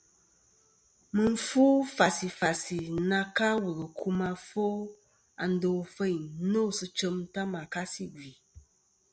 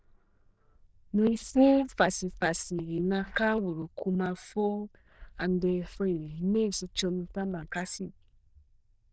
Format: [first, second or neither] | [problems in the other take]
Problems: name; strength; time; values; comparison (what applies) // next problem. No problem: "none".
first | noise reduction (neural diffusion model UNIVERSE++)